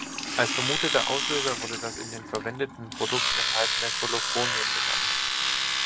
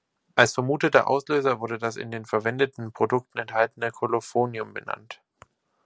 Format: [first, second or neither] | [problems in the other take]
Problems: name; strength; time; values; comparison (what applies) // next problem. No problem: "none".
second | background sound (Domestic sounds, home sounds); 4 dB above the speech